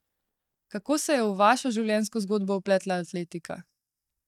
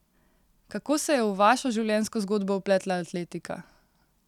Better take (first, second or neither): second